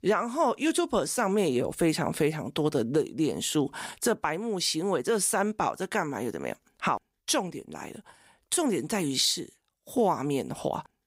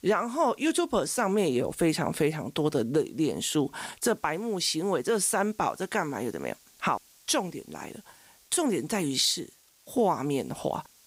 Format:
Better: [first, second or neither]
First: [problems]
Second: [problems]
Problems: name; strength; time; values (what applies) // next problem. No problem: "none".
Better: first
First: none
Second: hiss; faint; throughout; 30 dB below the speech